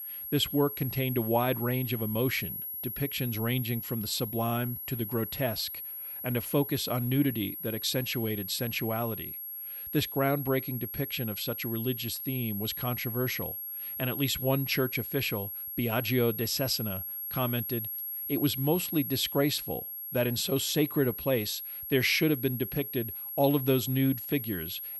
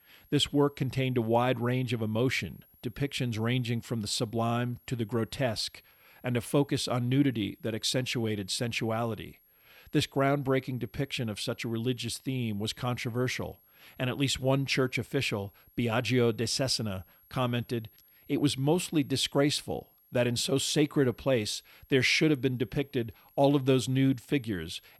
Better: second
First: high-pitched whine; loud; throughout; 11.5 kHz, 5 dB below the speech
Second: high-pitched whine; faint; throughout; 11.5 kHz, 30 dB below the speech

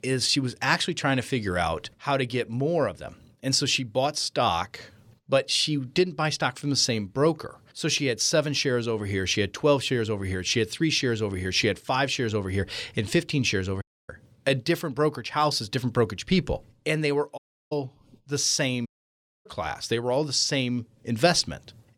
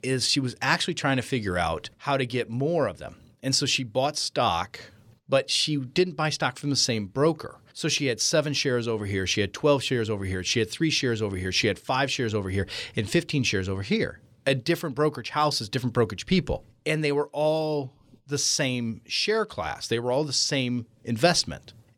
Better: second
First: audio cutting out; at 14 s, at 17 s and at 19 s for 0.5 s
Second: none

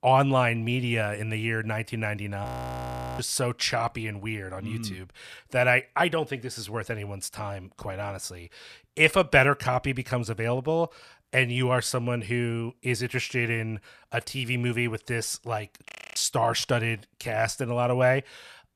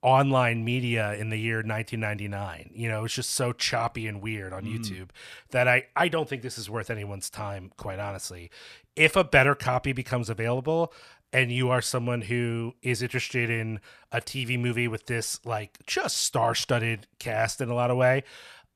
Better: second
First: audio freezing; at 2.5 s for 0.5 s and at 16 s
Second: none

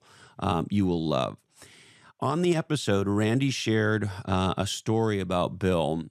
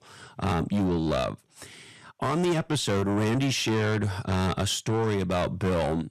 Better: first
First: none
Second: distortion; heavy; 8 dB below the speech

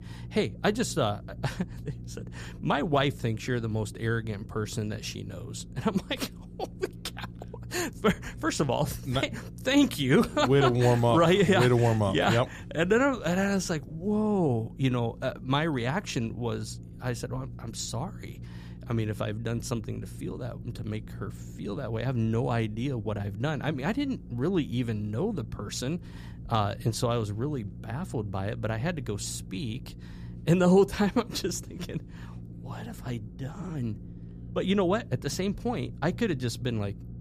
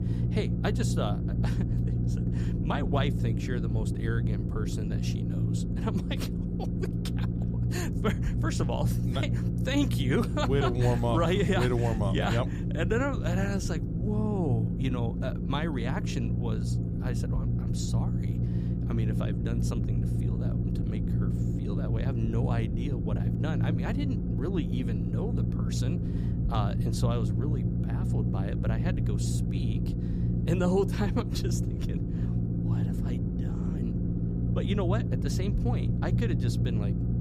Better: first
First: low rumble; faint; throughout; 25 dB below the speech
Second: low rumble; loud; throughout; 4 dB below the speech

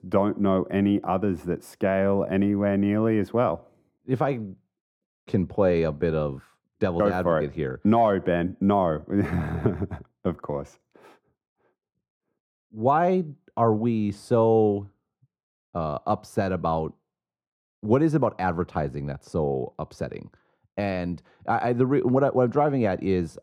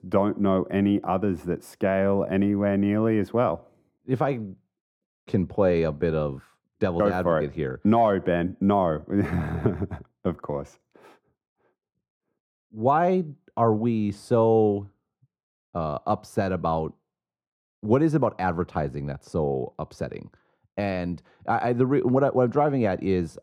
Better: neither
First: muffled; very; fading above 2 kHz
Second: muffled; very; fading above 2 kHz

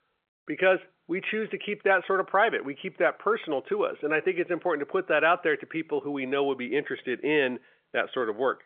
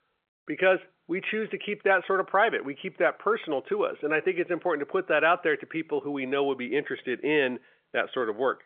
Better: neither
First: phone-call audio; nothing above 3.5 kHz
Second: phone-call audio; nothing above 3.5 kHz

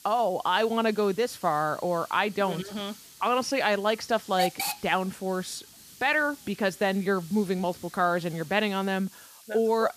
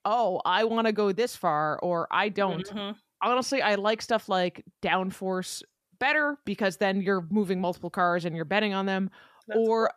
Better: second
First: hiss; noticeable; throughout; 15 dB below the speech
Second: none

